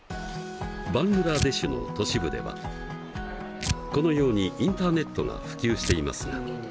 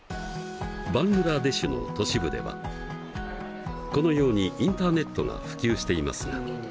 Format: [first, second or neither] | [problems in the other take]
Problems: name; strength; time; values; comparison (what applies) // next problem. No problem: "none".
second | background sound (Tearing); 10 dB below the speech